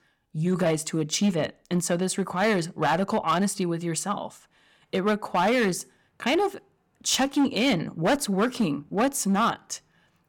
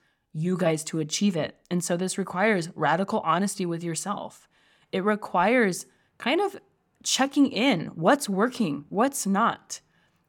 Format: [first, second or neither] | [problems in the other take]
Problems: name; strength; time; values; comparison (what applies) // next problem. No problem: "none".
second | distortion; slight; 6% of the sound clipped